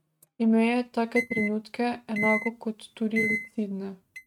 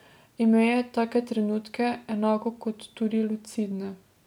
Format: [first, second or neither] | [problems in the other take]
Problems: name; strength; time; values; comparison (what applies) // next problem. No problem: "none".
second | noise reduction (neural mask model RNNoise)